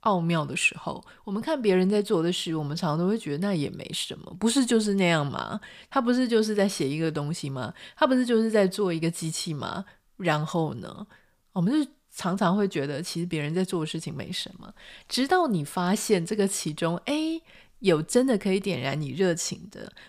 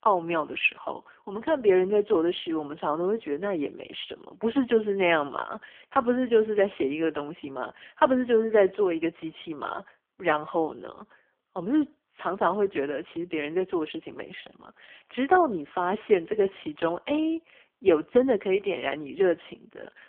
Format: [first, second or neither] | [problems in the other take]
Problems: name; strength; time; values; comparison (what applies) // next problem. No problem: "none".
first | phone-call audio; poor line; nothing above 3.5 kHz